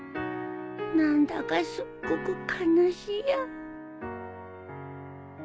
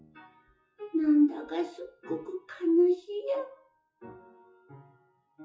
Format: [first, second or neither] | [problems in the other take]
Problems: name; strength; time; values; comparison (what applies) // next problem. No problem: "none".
first | noise reduction (classical method WPE with log-MMSE)